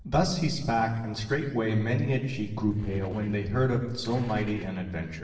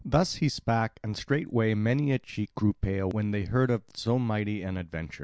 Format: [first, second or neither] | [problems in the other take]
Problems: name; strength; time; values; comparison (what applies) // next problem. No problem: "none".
second | noise reduction (neural separator model SepFormer DNS4)